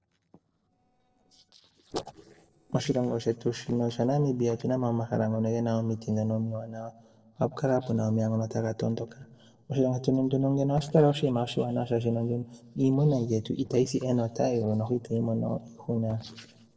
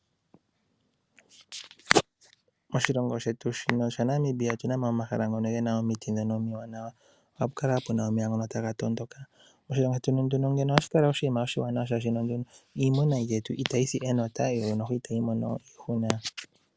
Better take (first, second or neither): second